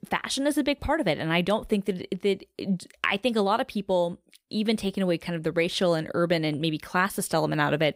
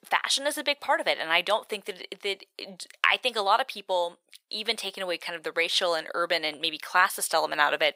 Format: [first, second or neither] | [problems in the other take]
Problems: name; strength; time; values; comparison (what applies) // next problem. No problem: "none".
first | thin; very; fading below 850 Hz